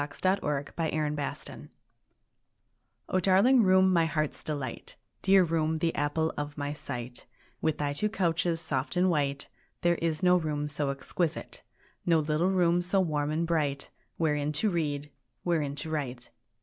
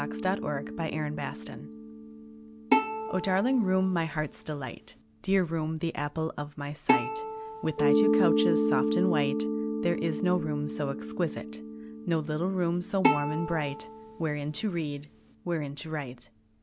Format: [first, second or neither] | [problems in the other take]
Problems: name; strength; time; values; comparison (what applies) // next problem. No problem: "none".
first | background sound (Mallet percussion + Bowed string instrument); 1 dB below the speech